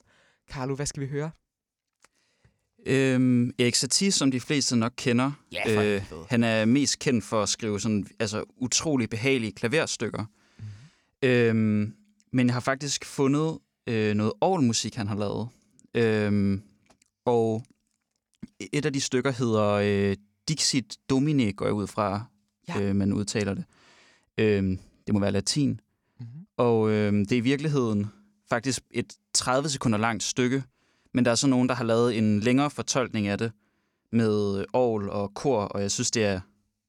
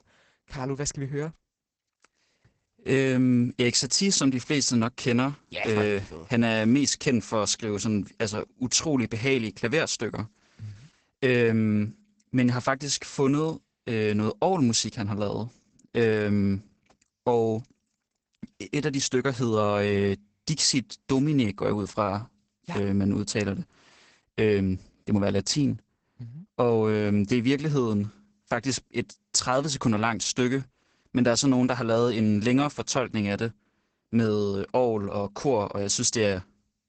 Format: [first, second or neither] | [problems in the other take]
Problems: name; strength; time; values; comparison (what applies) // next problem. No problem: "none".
first | garbled, watery; badly; nothing above 8 kHz